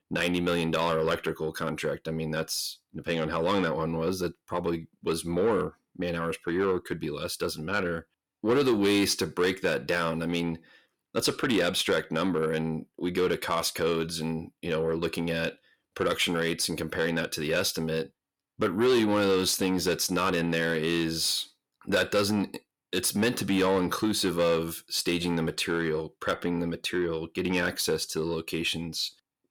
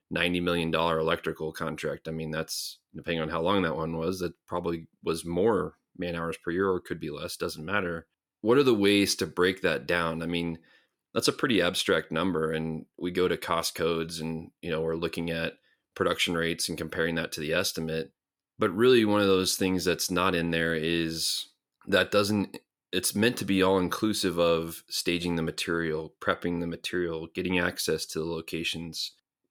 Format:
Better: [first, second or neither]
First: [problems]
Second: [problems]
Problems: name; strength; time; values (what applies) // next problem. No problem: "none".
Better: second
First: distortion; slight; 10 dB below the speech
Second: none